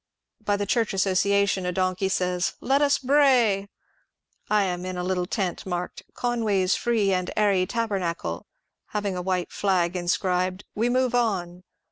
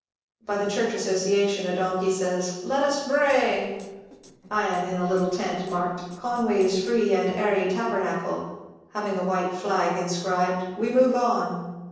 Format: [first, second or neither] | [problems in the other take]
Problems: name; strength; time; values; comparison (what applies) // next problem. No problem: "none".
first | noise reduction (neural separator model SepFormer DNS4)